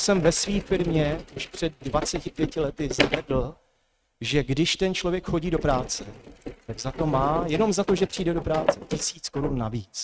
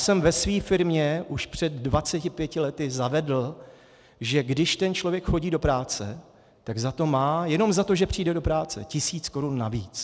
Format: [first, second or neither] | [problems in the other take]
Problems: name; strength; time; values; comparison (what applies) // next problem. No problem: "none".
second | noise reduction (neural mask model RNNoise)